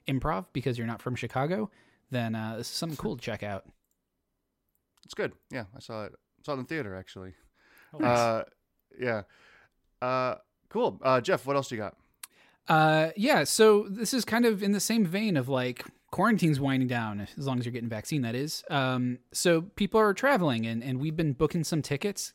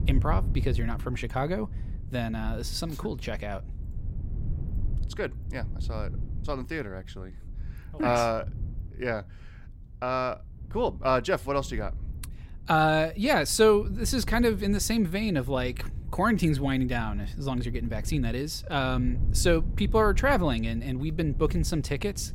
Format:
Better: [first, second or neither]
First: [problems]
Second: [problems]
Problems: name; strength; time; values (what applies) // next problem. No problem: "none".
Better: first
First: none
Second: wind noise on the microphone; occasional gusts; 20 dB below the speech